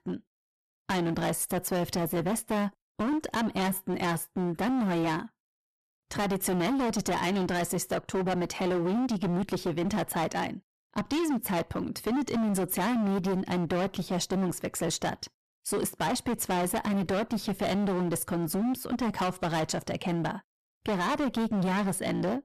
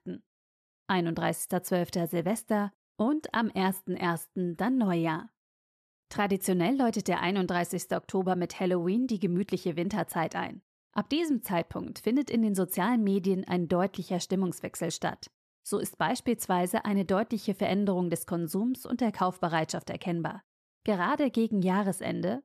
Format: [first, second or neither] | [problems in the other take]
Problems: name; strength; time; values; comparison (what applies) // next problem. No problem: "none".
second | distortion; heavy; 26% of the sound clipped